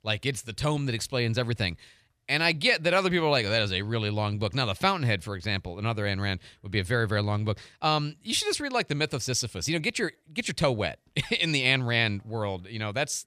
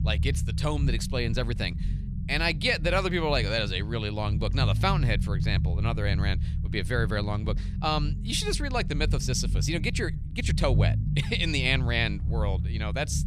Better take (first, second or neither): first